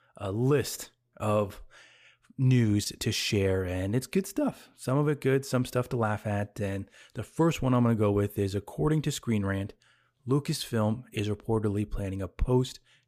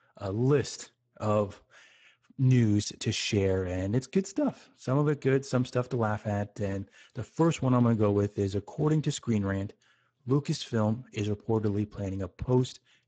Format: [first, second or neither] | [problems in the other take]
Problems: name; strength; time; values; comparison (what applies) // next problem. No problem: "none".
first | garbled, watery; badly; nothing above 7.5 kHz